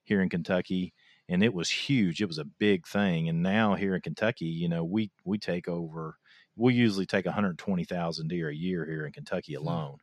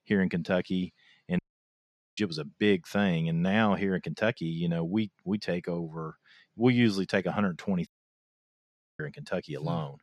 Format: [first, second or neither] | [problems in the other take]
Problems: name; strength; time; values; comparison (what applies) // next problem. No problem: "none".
first | audio cutting out; at 1.5 s for 1 s and at 8 s for 1 s